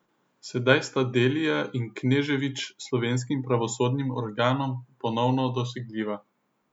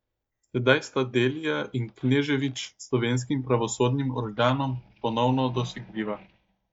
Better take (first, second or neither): first